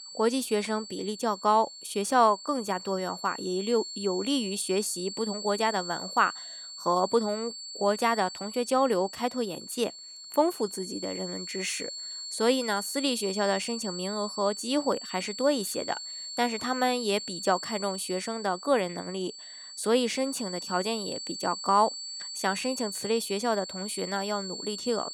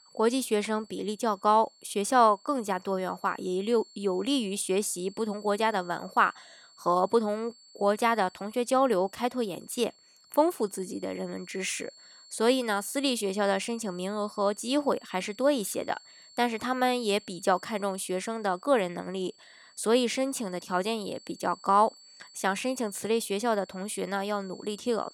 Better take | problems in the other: second | high-pitched whine; loud; throughout; 4.5 kHz, 8 dB below the speech; faint in the second

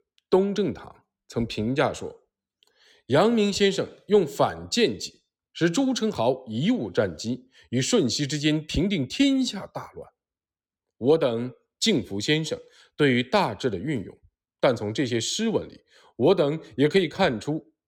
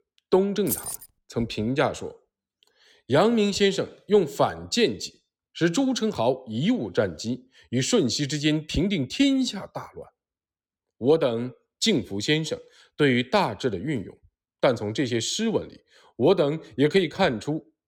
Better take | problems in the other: first | jangling keys; noticeable; at 0.5 s; peak 4 dB below the speech

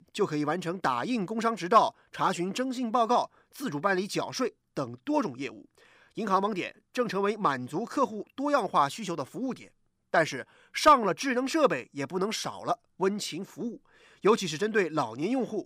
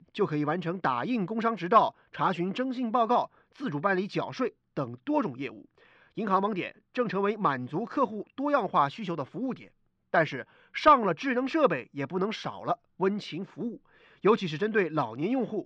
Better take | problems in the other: first | muffled; slightly; fading above 3.5 kHz

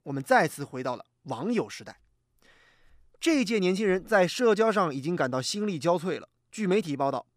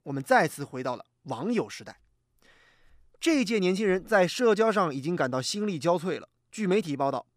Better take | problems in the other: neither | none

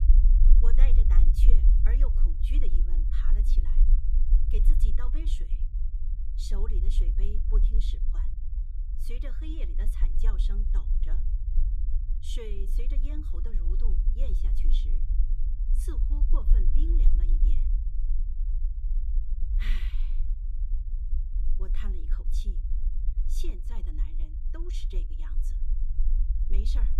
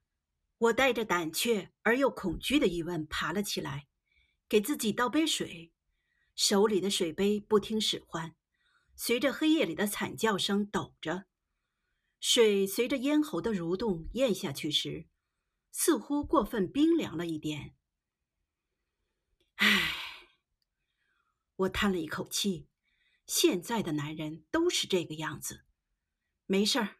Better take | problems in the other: second | low rumble; loud; throughout; 5 dB below the speech

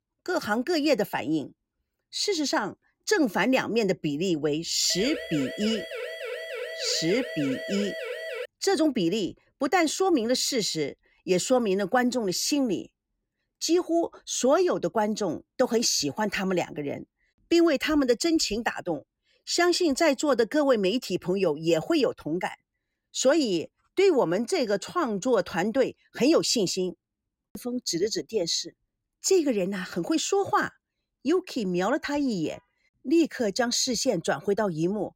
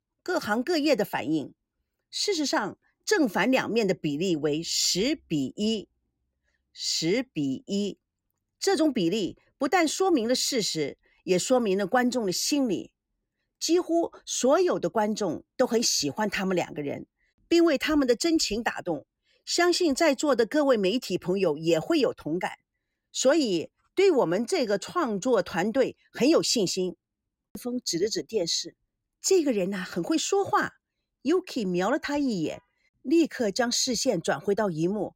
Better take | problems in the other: second | siren; noticeable; from 5 to 8.5 s; peak 8 dB below the speech

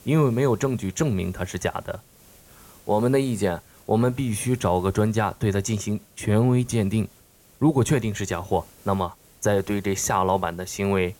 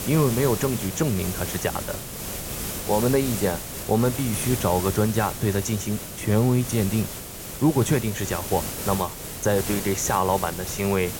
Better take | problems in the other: first | hiss; loud; throughout; 6 dB below the speech; faint in the first

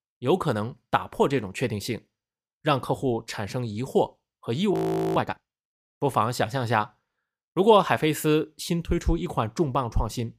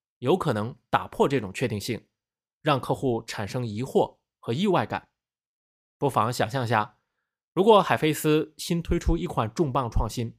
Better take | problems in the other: second | audio freezing; at 4.5 s

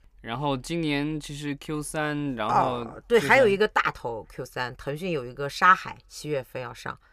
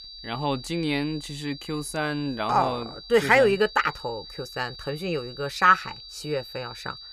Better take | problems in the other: first | high-pitched whine; noticeable; throughout; 4.5 kHz, 15 dB below the speech

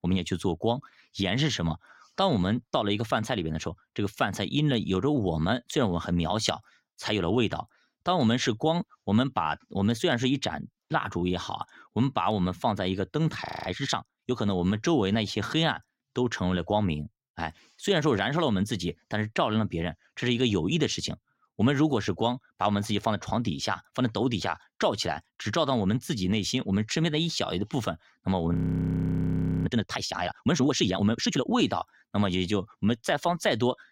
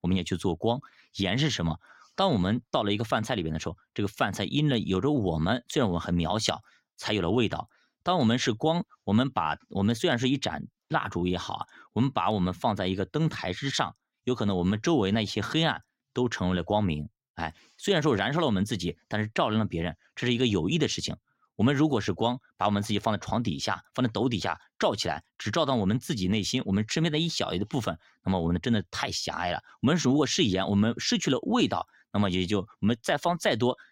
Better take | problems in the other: second | audio freezing; at 13 s and at 29 s for 1 s

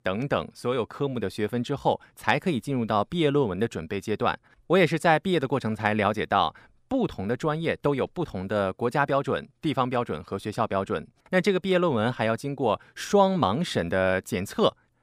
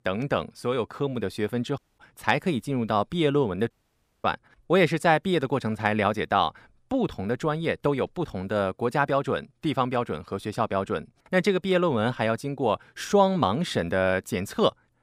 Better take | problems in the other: first | audio cutting out; at 2 s and at 3.5 s for 0.5 s

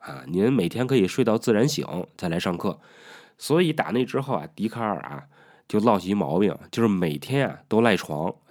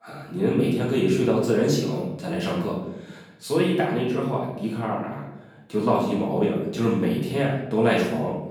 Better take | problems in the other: first | off-mic speech; far // room echo; noticeable; dies away in 0.9 s

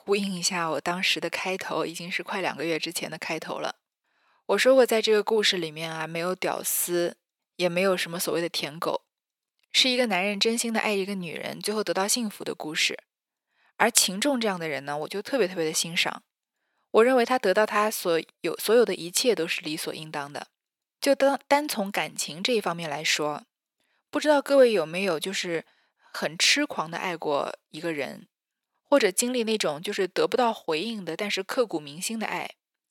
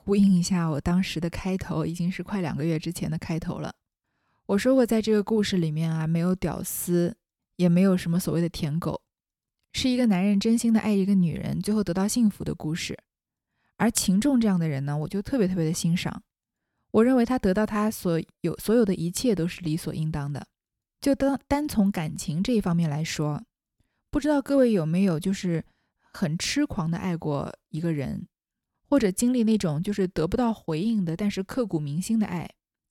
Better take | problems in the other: second | thin; very; fading below 550 Hz

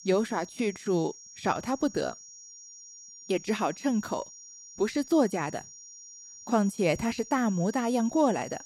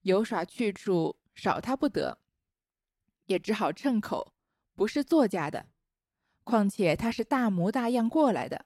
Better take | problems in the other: second | high-pitched whine; noticeable; throughout; 5.5 kHz, 15 dB below the speech

